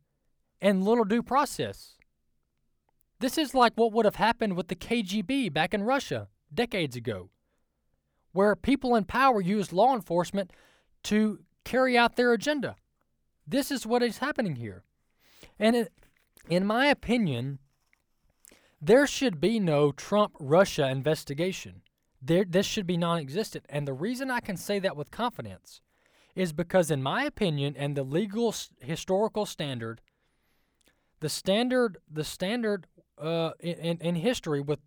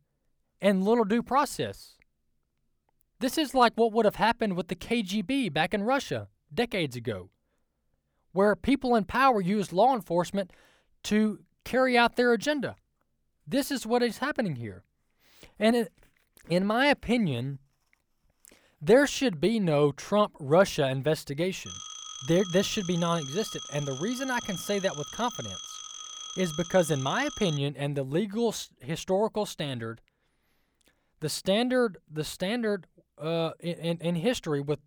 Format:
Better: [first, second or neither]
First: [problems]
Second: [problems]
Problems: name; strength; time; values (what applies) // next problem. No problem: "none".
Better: first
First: none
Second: phone ringing; noticeable; from 22 to 28 s; peak 10 dB below the speech